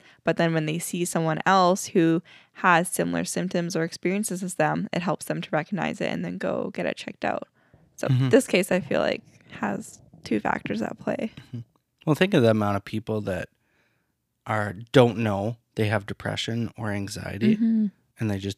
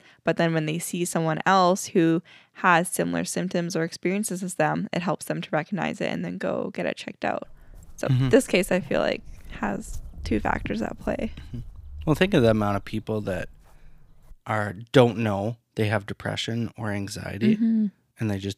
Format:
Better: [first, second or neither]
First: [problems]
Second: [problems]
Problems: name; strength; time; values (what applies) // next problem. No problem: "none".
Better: first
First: none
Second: footsteps; faint; from 7.5 to 14 s; peak 10 dB below the speech